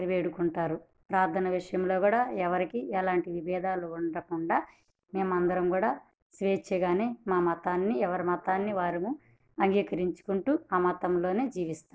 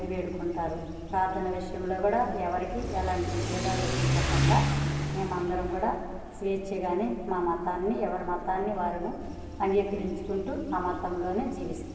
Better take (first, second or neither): first